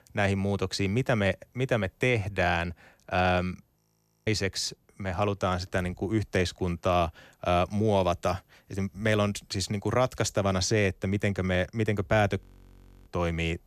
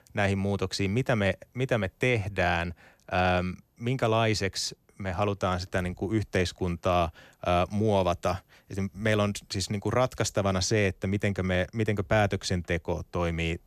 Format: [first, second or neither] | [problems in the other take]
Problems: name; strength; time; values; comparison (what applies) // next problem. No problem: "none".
second | audio freezing; at 4 s and at 12 s for 0.5 s